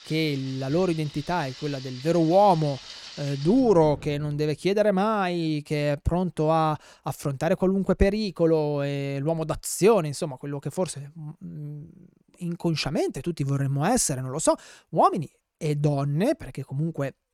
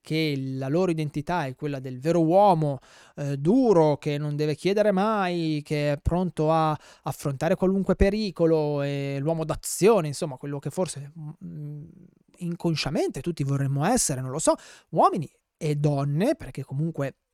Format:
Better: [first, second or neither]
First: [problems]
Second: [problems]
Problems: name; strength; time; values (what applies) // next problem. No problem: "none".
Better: second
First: rain or running water; noticeable; until 4 s; 15 dB below the speech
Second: none